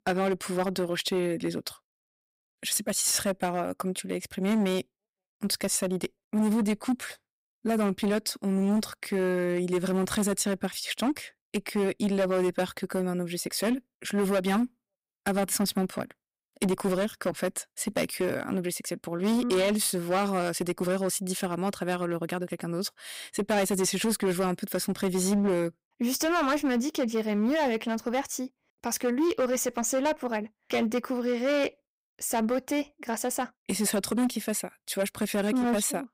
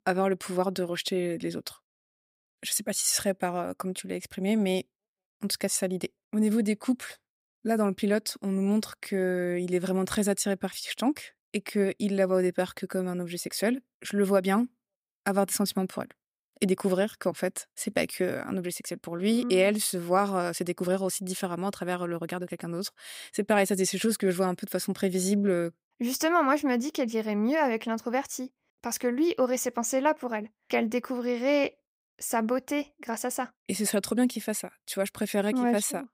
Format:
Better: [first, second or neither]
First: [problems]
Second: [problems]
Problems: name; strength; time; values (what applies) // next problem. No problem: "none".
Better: second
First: distortion; slight; 9% of the sound clipped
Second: none